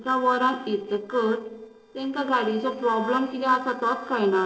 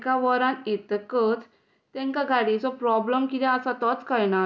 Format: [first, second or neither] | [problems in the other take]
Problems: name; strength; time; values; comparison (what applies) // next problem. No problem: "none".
second | noise reduction (neural separator model SepFormer DNS4)